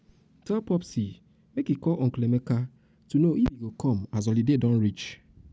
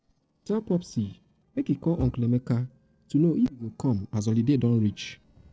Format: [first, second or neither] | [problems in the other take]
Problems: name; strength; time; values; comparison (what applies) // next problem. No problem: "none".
first | noise reduction (neural separator model SepFormer DNS4)